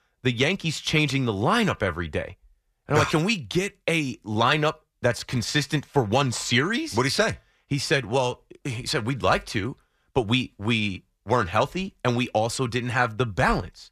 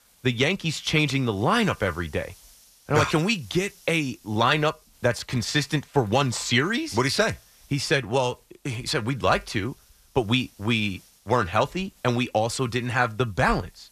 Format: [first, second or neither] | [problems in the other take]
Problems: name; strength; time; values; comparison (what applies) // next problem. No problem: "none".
first | hiss; faint; throughout; 30 dB below the speech